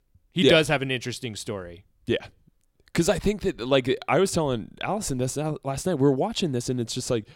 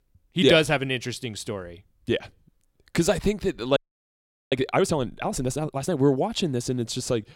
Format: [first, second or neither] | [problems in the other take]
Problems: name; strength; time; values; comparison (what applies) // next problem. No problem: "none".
first | audio freezing; at 4 s for 1 s